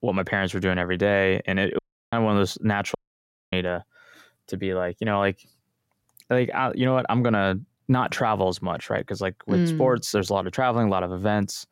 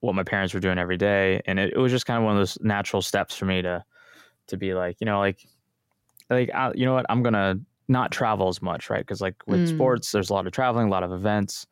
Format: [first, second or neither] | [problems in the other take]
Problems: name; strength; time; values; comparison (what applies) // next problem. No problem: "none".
second | audio cutting out; at 2 s and at 3 s for 0.5 s